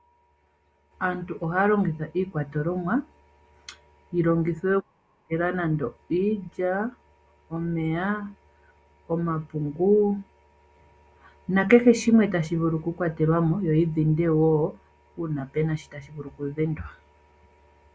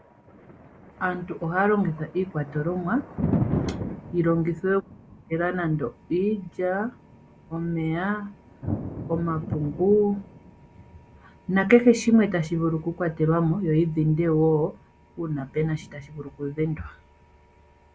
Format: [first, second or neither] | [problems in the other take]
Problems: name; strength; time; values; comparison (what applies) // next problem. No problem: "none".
first | background sound (Thunder); 11 dB below the speech